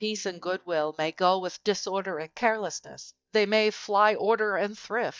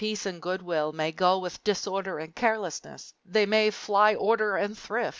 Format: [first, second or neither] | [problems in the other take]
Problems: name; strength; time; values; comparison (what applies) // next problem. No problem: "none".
second | noise reduction (neural mask model DeepFilterNet 3)